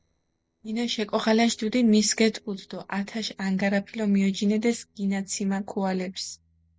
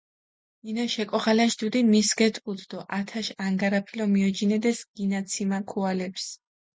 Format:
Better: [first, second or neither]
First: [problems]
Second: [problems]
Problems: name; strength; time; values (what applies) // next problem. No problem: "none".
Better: second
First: noise reduction (neural separator model SepFormer DNS4)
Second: none